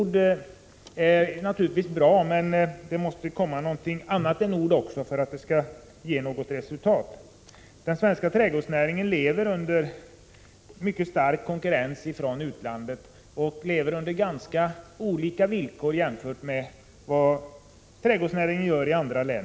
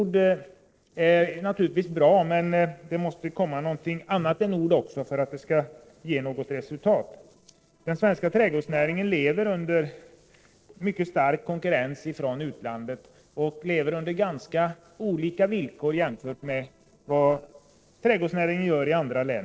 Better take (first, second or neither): first